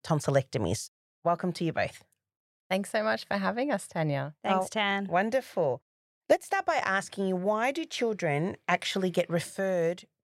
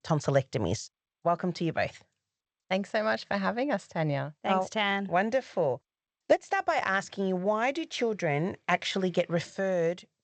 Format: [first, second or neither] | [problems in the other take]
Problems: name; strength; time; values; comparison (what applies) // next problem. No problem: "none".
first | garbled, watery; slightly; nothing above 8 kHz